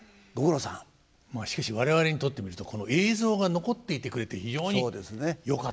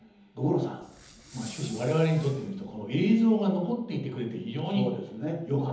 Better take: first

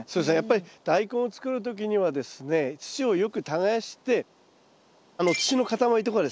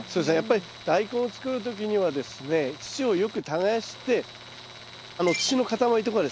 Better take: first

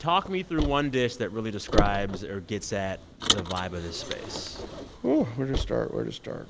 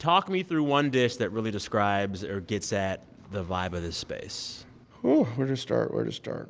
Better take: second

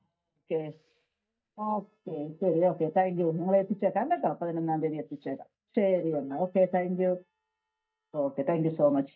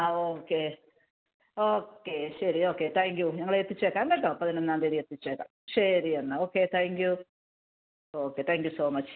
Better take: second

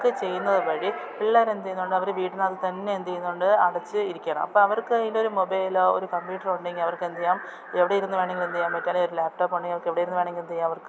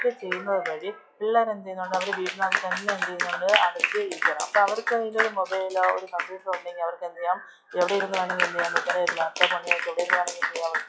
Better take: first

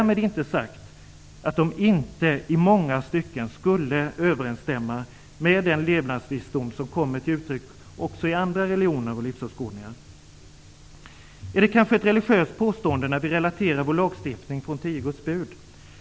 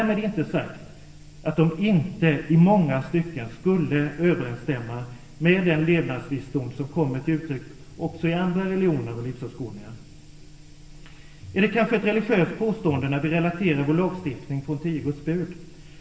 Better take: first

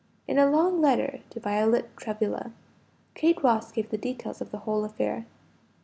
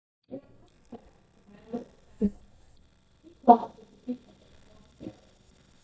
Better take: first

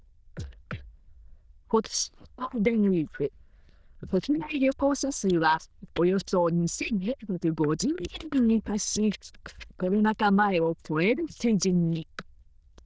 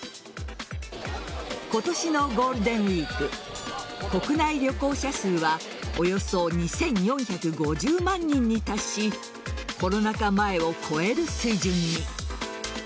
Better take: second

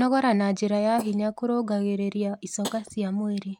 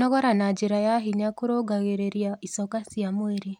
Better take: second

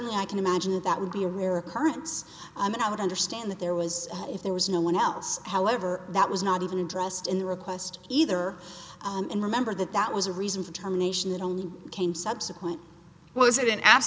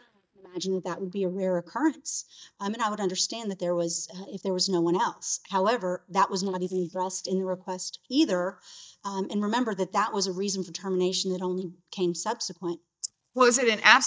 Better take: first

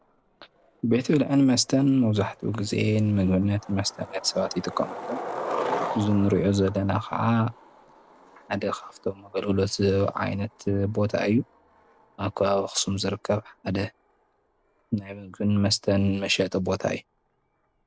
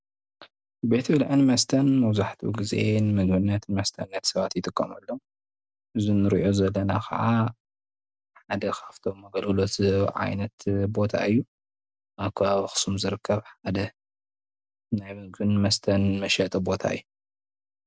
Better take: second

